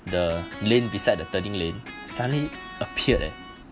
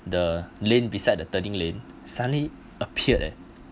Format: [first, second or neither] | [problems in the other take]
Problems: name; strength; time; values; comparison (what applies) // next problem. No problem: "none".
second | background sound (Electric guitar); 14 dB below the speech